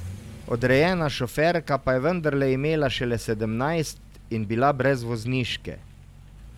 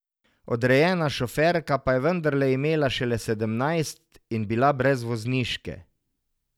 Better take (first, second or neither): second